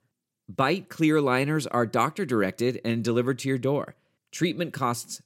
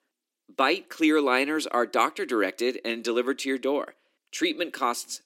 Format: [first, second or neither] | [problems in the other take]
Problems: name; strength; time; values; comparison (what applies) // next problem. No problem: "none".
first | thin; very slightly; fading below 300 Hz